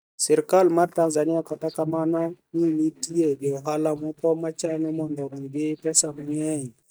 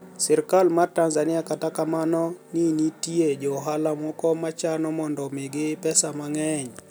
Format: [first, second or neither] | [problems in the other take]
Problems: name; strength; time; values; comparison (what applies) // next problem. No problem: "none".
second | noise reduction (neural mask model DeepFilterNet 3)